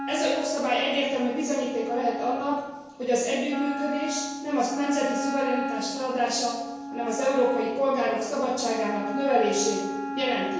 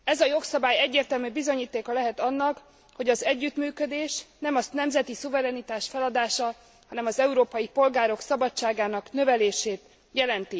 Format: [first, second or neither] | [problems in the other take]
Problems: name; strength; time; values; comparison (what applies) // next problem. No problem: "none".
second | background sound (Wind instrument, woodwind instrument); 7 dB below the speech // room echo; dies away in 1 s